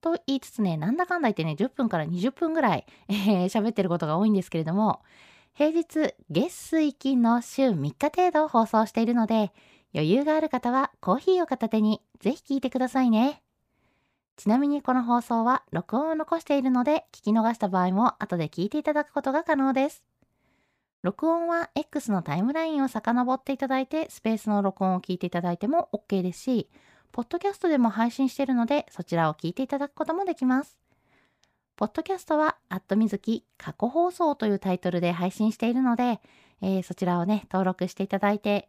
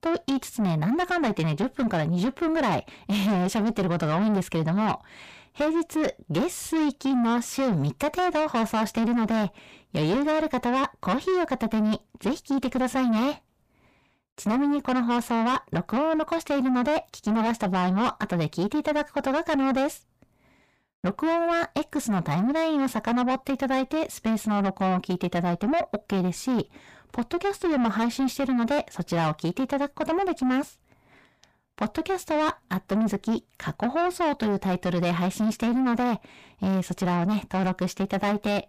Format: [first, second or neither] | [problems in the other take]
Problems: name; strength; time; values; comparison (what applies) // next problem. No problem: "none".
first | distortion; heavy; 7 dB below the speech